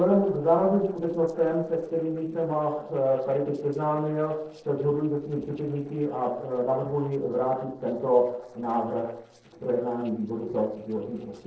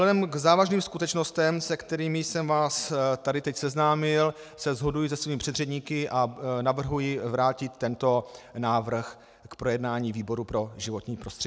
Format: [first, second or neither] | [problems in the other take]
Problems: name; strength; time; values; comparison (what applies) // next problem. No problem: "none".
second | noise reduction (neural separator model SepFormer DNS4)